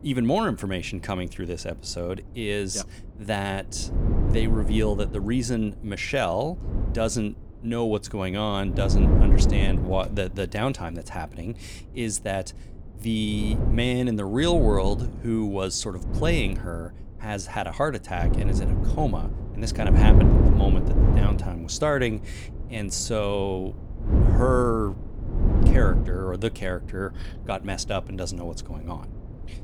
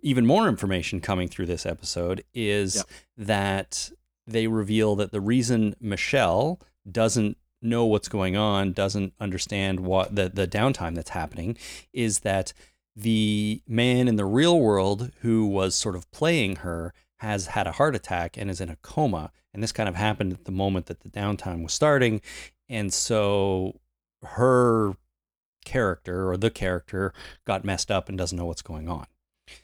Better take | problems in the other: second | wind noise on the microphone; heavy; 6 dB below the speech

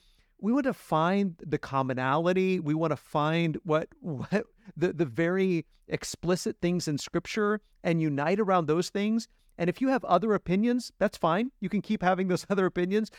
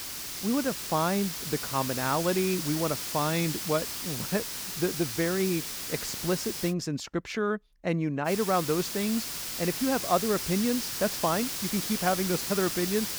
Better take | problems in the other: first | hiss; loud; until 6.5 s and from 8.5 s on; 3 dB below the speech

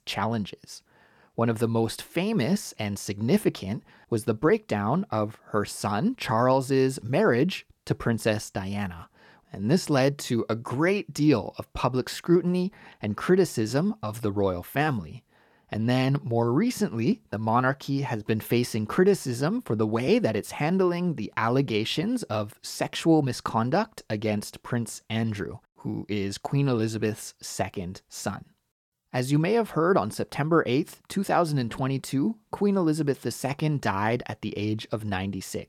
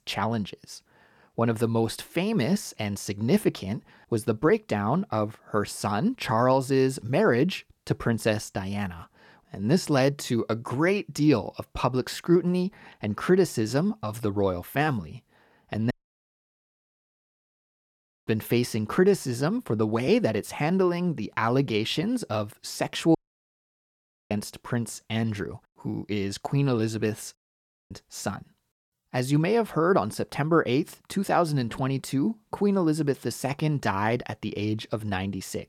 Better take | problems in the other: first | audio cutting out; at 16 s for 2.5 s, at 23 s for 1 s and at 27 s for 0.5 s

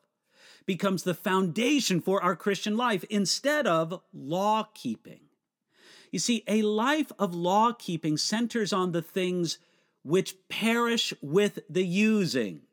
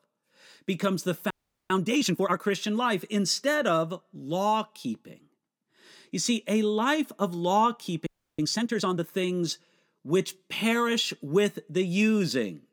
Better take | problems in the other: first | audio freezing; at 1.5 s and at 8 s

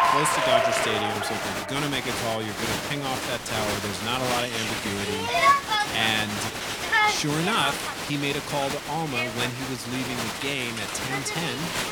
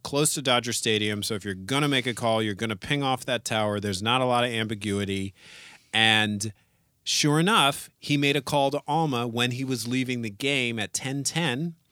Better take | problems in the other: second | crowd noise; very loud; throughout; 3 dB above the speech

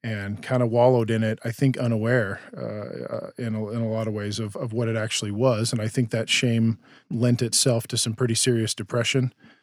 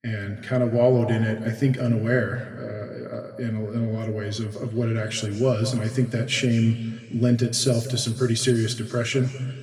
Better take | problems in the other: first | room echo; slight; dies away in 1.8 s // off-mic speech; somewhat distant

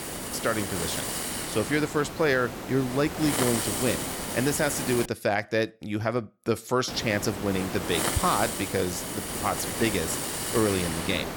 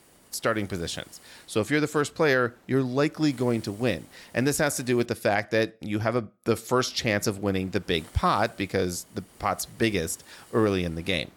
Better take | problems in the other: second | hiss; loud; until 5 s and from 7 s on; 3 dB below the speech; faint in the second

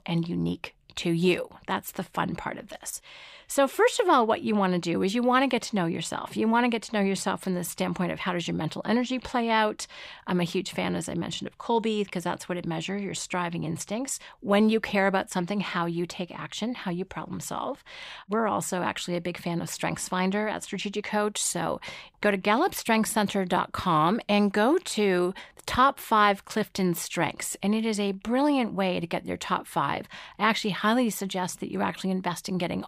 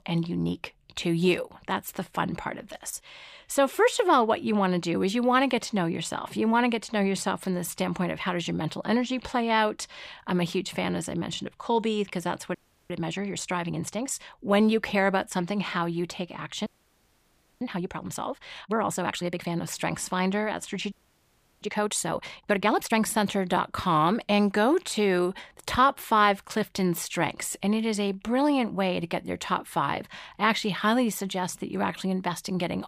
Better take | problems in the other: first | audio freezing; at 13 s, at 17 s for 1 s and at 21 s for 0.5 s

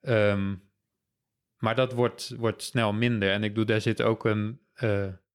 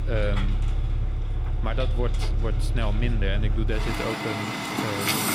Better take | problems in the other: first | traffic noise; very loud; throughout; 5 dB above the speech

